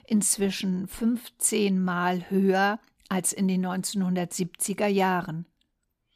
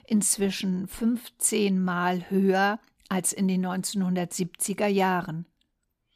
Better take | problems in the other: neither | none

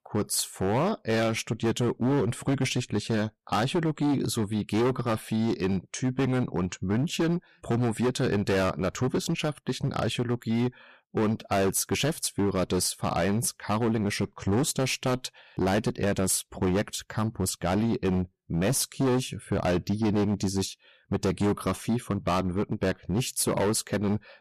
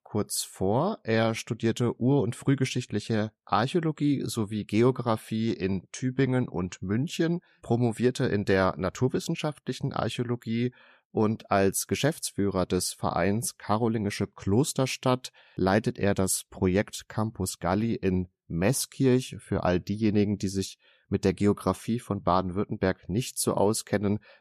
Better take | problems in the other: second | distortion; heavy; 14% of the sound clipped

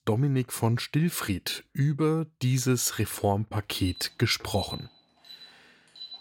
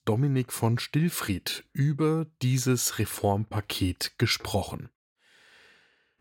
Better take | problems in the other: second | alarm; faint; from 4 s on; peak 10 dB below the speech

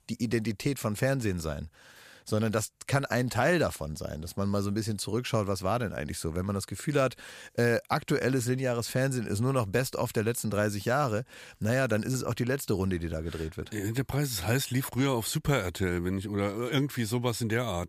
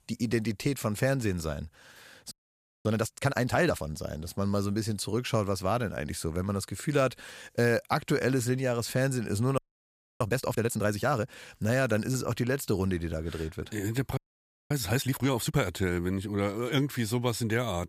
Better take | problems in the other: first | audio freezing; at 2.5 s for 0.5 s, at 9.5 s for 0.5 s and at 14 s for 0.5 s

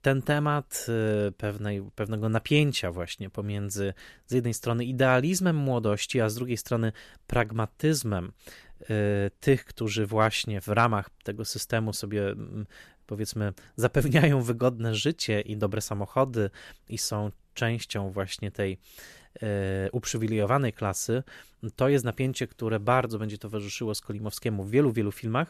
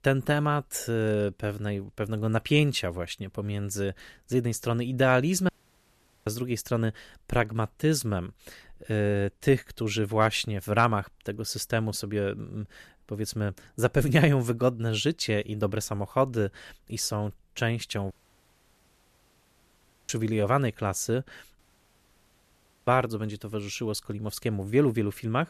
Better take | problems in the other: first | audio cutting out; at 5.5 s for 1 s, at 18 s for 2 s and at 22 s for 1.5 s

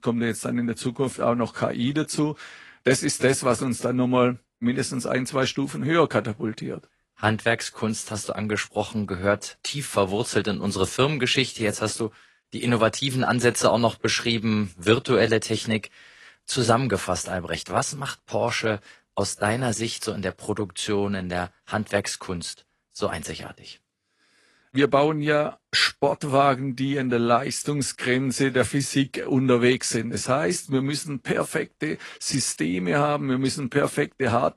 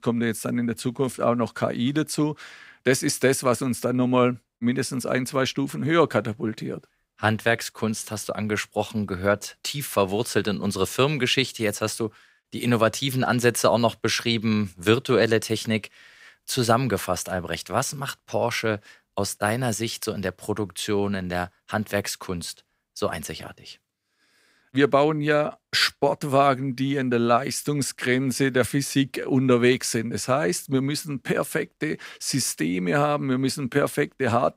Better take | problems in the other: second | garbled, watery; slightly; nothing above 11 kHz

